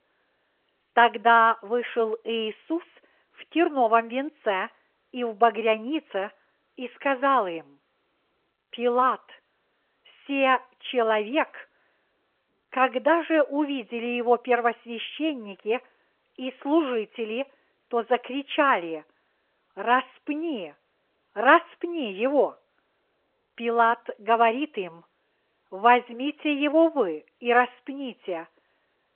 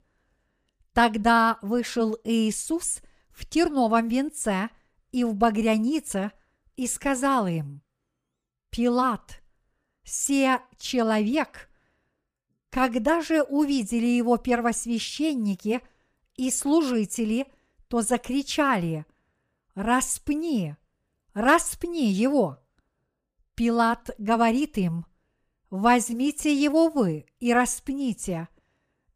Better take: second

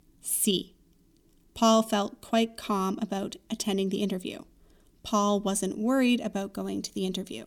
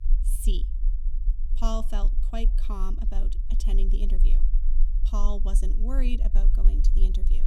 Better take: first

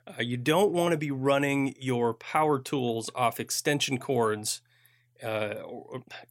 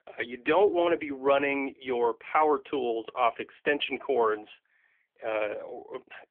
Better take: first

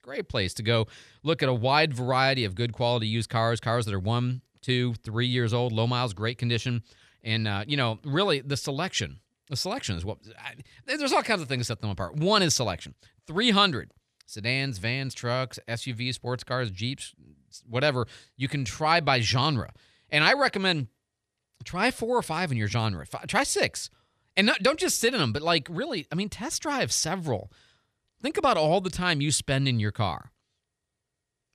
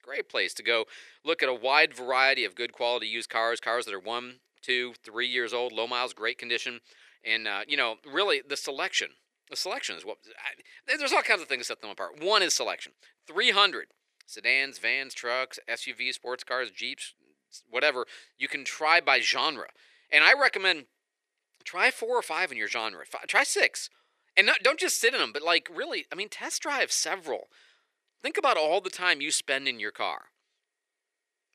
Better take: first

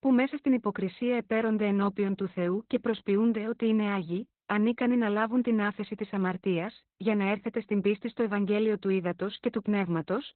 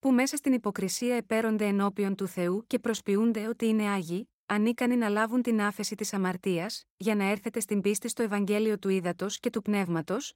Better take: second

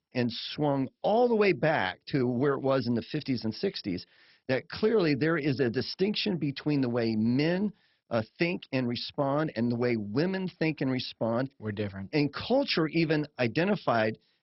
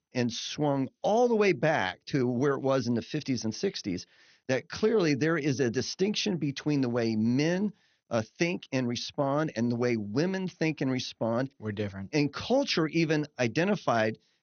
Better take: second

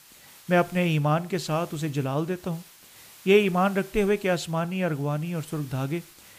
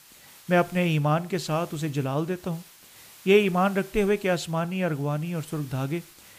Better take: neither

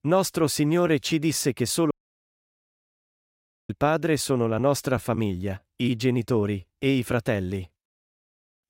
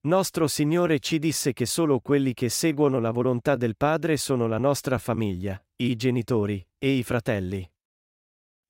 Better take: second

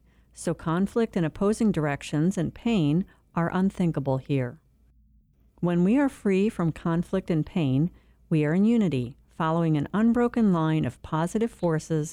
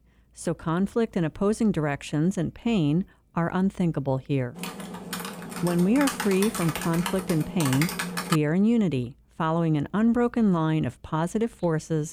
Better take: first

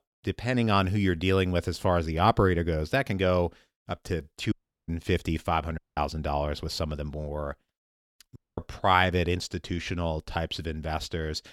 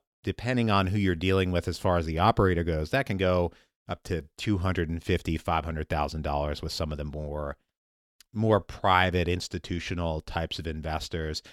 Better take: second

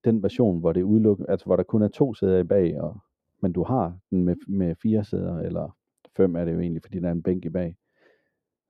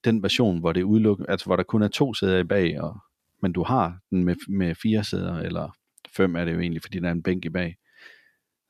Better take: second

